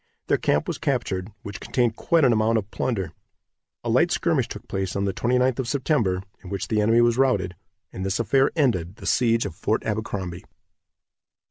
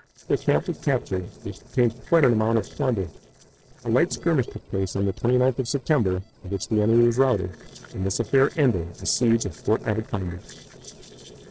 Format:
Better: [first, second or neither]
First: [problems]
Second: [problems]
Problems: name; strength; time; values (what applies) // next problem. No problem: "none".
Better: first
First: none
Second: noise reduction (neural separator model SepFormer DNS4)